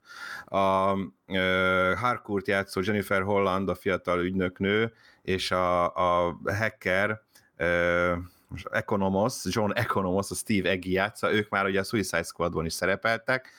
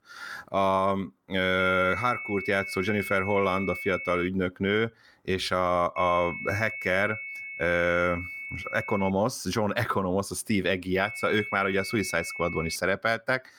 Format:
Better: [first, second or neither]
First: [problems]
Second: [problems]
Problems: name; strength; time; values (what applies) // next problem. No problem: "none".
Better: first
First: none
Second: high-pitched whine; loud; from 1.5 to 4.5 s, from 6 to 9 s and from 11 to 13 s; 2 kHz, 8 dB below the speech